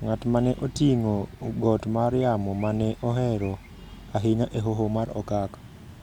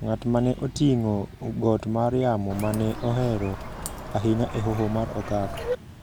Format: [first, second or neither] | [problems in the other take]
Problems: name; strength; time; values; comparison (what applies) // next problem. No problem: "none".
first | background sound (Bird); 9 dB below the speech